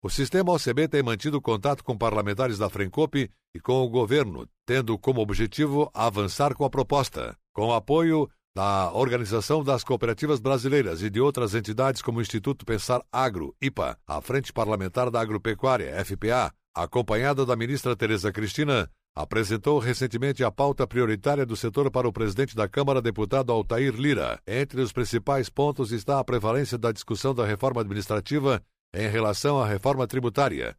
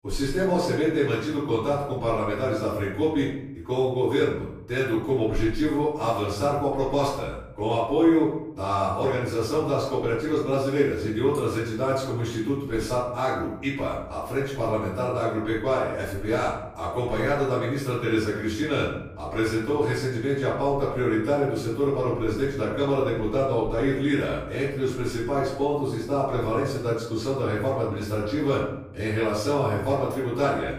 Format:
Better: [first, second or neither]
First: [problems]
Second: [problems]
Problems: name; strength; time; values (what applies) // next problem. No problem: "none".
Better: first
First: none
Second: off-mic speech; far // room echo; noticeable; dies away in 0.7 s